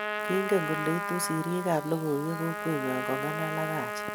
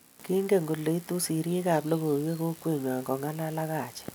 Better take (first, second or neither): second